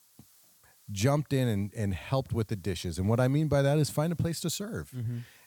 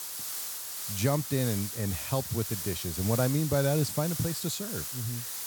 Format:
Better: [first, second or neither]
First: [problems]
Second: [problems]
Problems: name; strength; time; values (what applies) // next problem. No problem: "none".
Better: first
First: hiss; faint; throughout; 30 dB below the speech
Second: hiss; loud; throughout; 4 dB below the speech